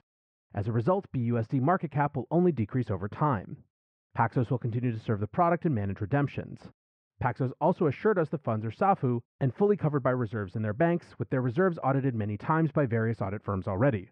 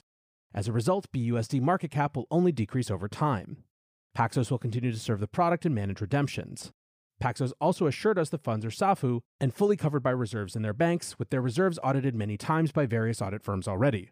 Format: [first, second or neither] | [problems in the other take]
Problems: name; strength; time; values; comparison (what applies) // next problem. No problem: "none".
second | muffled; very; fading above 1.5 kHz